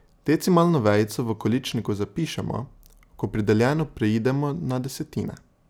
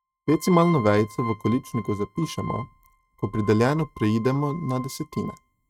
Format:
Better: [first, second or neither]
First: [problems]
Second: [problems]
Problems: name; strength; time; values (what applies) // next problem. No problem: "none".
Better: first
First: none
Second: noise reduction (neural mask model RNNoise)